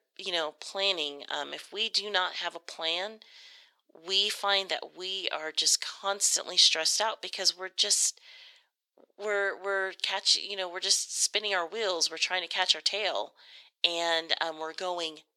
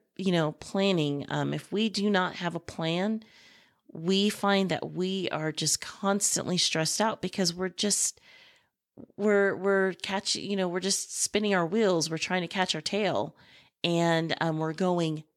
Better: second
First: thin; very; fading below 500 Hz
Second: none

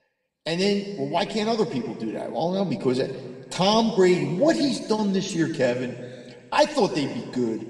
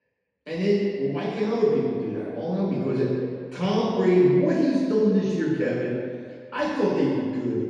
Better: first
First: room echo; slight; dies away in 1.7 s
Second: room echo; strong; dies away in 1.8 s // off-mic speech; far

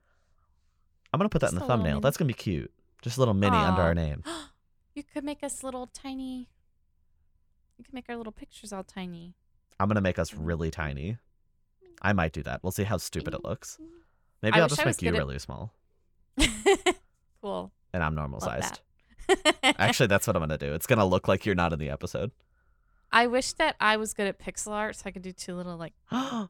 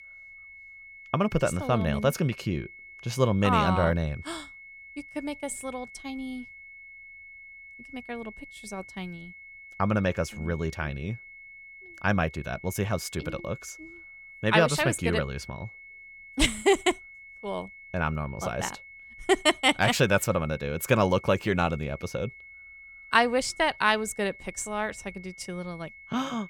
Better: first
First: none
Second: high-pitched whine; noticeable; throughout; 2 kHz, 20 dB below the speech

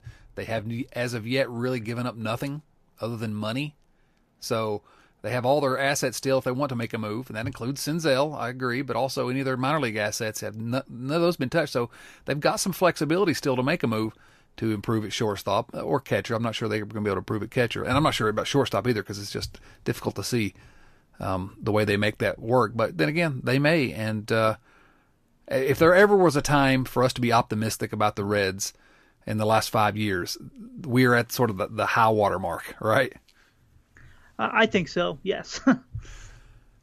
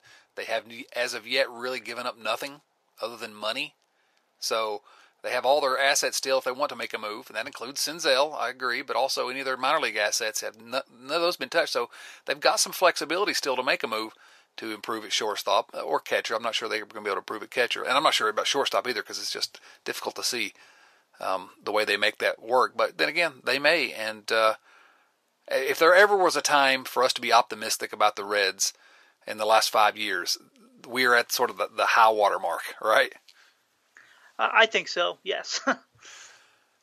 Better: first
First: none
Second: thin; very; fading below 650 Hz

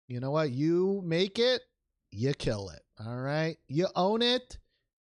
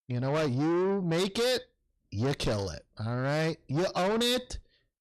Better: first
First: none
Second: distortion; heavy; 7 dB below the speech

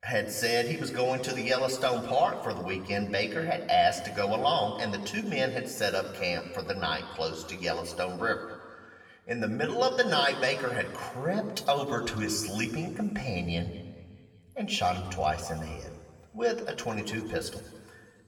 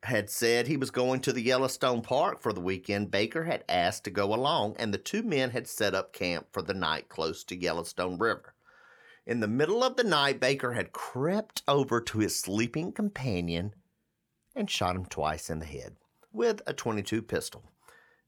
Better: second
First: room echo; slight; dies away in 1.5 s // off-mic speech; somewhat distant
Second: none

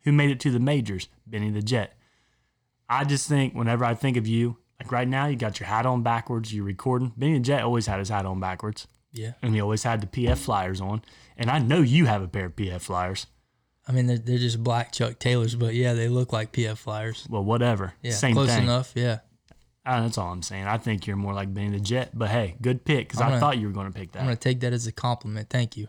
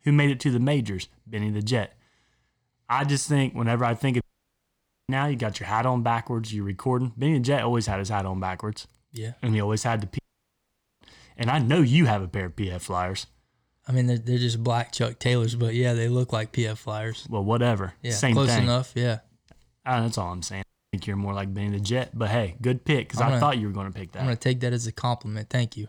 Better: first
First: none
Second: audio cutting out; at 4 s for 1 s, at 10 s for 1 s and at 21 s

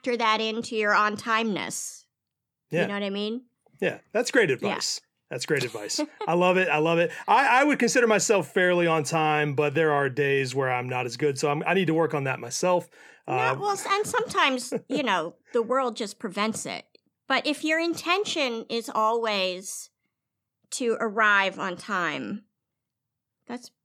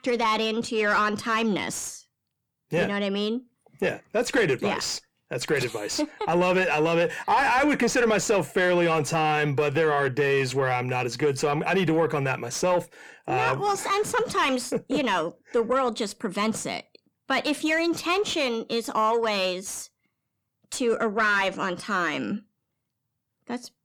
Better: first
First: none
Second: distortion; slight; 10 dB below the speech

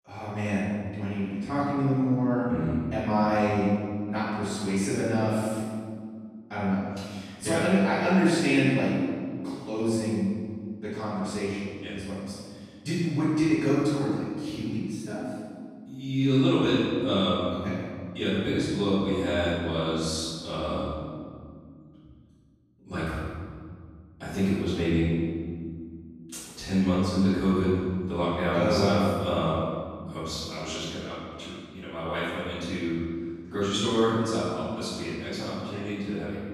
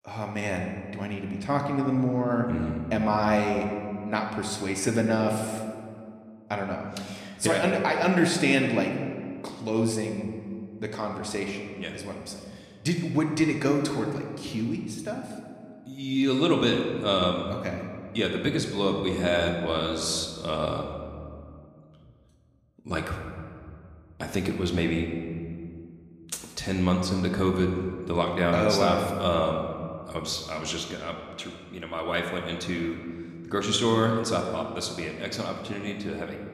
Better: second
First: room echo; strong; dies away in 2 s // off-mic speech; far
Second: room echo; slight; dies away in 1.7 s

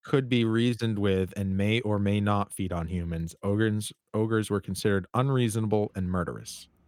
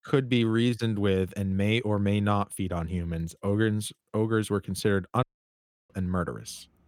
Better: first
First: none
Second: audio cutting out; at 5 s for 0.5 s

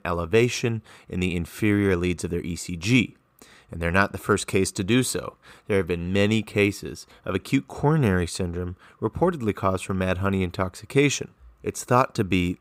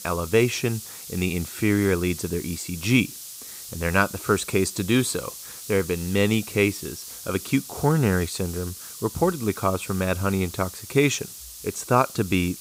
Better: first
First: none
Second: hiss; noticeable; throughout; 10 dB below the speech

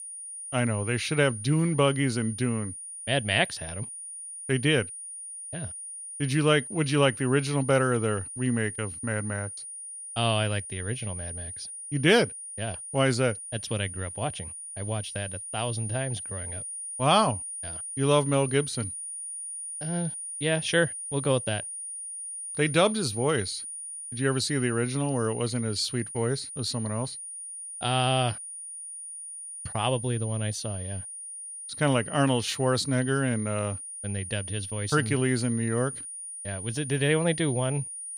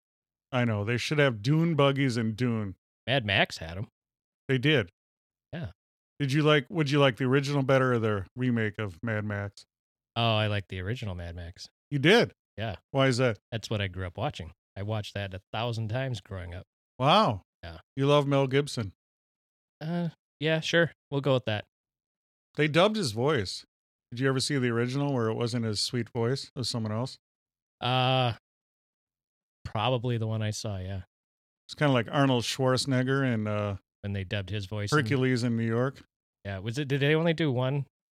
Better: second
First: high-pitched whine; loud; throughout; 9.5 kHz, 8 dB below the speech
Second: none

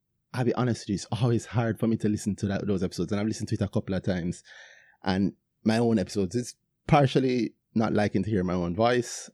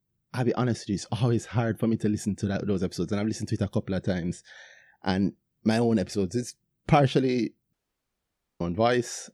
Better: first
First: none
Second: audio cutting out; at 7.5 s for 1 s

